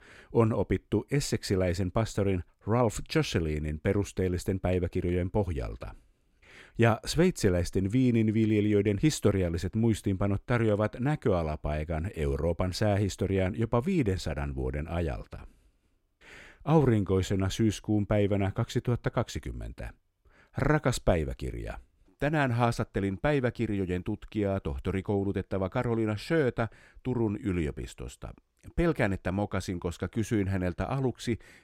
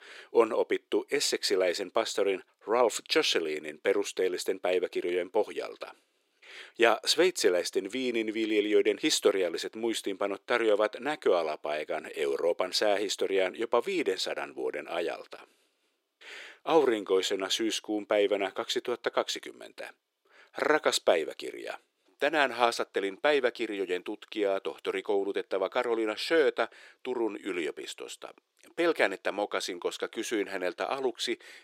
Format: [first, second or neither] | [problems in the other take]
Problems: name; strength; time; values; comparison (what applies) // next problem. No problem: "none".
first | thin; very; fading below 400 Hz